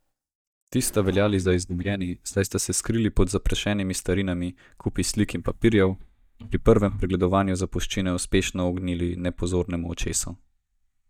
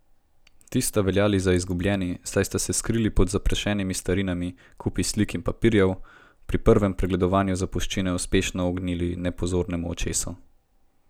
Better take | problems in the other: second | noise reduction (neural mask model DeepFilterNet 3)

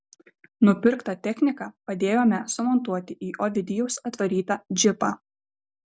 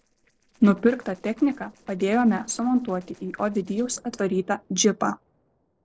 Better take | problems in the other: first | noise reduction (neural separator model SepFormer DNS4)

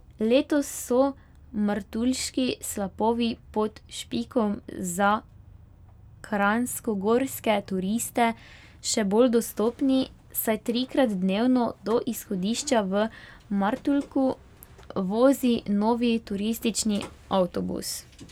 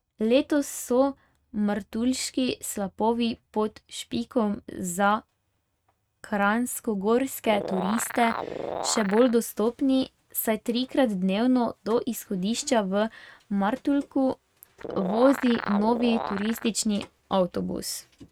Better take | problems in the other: first | noise reduction (neural mask model RNNoise)

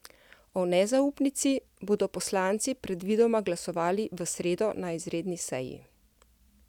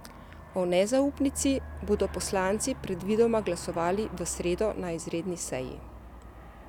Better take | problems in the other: first | background sound (Aircraft); 13 dB below the speech

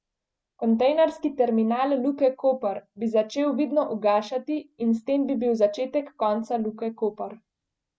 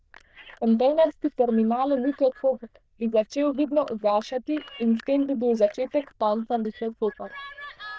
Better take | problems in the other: first | noise reduction (neural diffusion model UNIVERSE++)

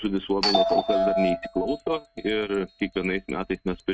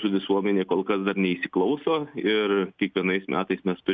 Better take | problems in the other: second | noise reduction (neural mask model RNNoise)

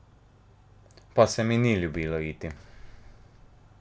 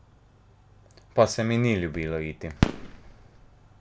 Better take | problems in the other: first | background sound (Fireworks); 6 dB below the speech

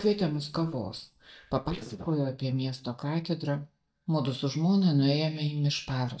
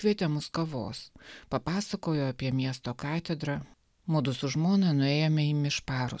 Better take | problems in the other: second | noise reduction (neural mask model DeepFilterNet 3)

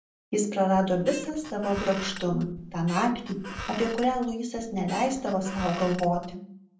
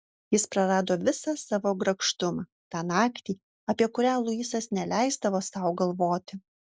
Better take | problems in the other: second | background sound (Squeak); 13 dB below the speech // room echo; dies away in 0.6 s

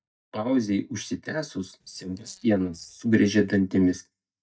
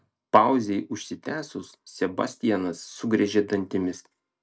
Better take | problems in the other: second | noise reduction (neural mask model DeepFilterNet 3)

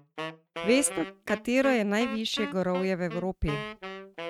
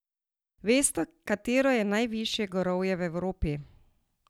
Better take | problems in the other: second | noise reduction (neural mask model RNNoise)

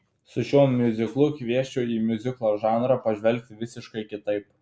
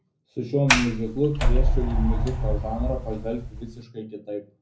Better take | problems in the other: first | background sound (Sliding door); 5 dB above the speech // room echo; dies away in 0.4 s

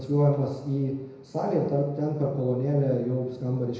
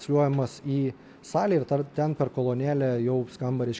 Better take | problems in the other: second | room echo; dies away in 0.9 s

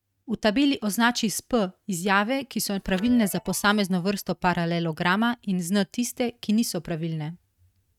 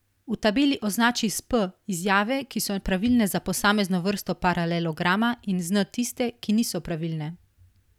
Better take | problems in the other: second | noise reduction (neural mask model RNNoise)

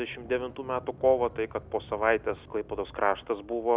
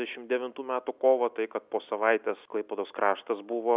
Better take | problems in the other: second | background sound (Sliding door); 19 dB below the speech

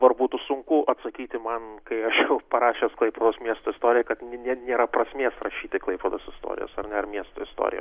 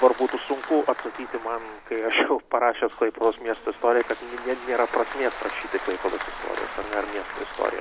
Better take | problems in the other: first | background sound (Applause); 12 dB below the speech

